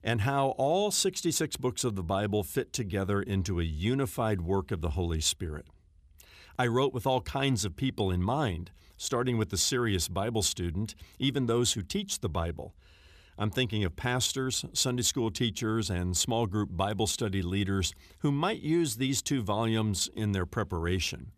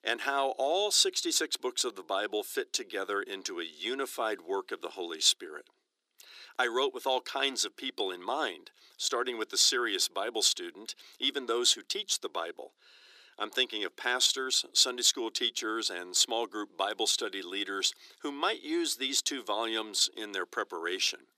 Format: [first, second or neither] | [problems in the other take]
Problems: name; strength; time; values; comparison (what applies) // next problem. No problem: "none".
first | thin; very; fading below 300 Hz